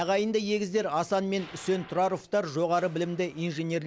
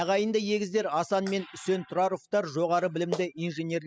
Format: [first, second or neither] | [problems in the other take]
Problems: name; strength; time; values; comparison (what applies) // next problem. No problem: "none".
first | noise reduction (classical method spectral subtraction)